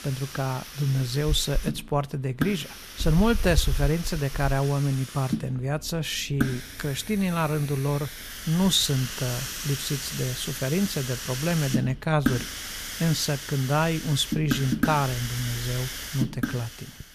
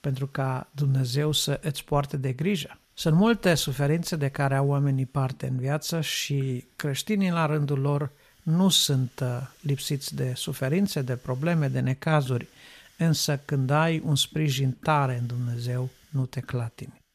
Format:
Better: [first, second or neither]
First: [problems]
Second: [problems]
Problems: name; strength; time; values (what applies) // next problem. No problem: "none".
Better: second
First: hiss; loud; throughout; 6 dB below the speech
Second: hiss; faint; throughout; 30 dB below the speech